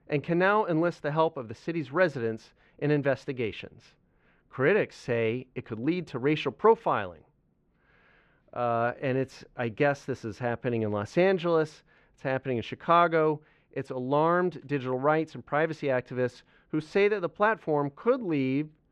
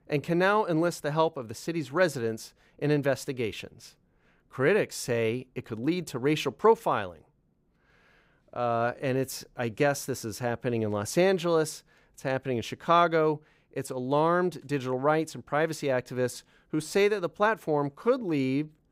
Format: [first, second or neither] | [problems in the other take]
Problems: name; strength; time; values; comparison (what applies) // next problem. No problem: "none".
second | muffled; slightly; fading above 2.5 kHz